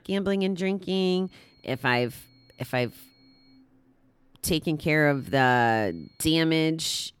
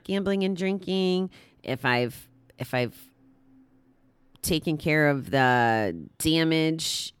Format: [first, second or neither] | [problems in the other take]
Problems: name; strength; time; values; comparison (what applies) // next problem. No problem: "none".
second | high-pitched whine; faint; from 1.5 to 3.5 s and from 5 to 6.5 s; 4.5 kHz, 35 dB below the speech